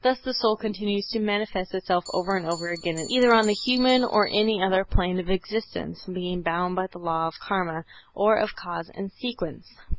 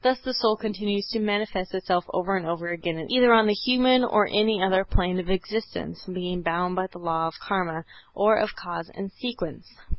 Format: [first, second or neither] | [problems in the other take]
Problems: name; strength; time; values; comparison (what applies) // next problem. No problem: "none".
second | background sound (Bell); 14 dB below the speech